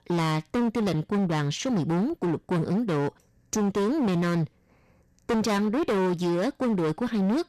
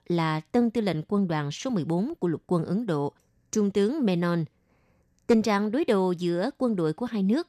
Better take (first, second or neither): second